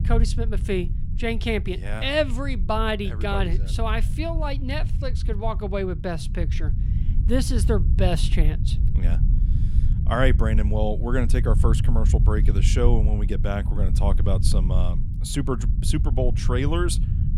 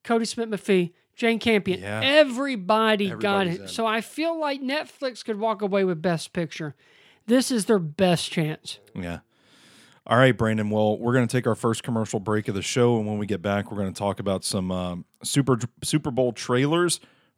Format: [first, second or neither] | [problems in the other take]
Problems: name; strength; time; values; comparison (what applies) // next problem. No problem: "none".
second | low rumble; noticeable; throughout; 10 dB below the speech